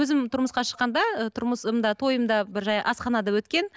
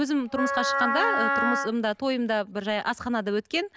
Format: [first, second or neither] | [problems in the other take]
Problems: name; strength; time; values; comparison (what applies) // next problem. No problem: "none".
first | background sound (Wind instrument, woodwind instrument); 1 dB above the speech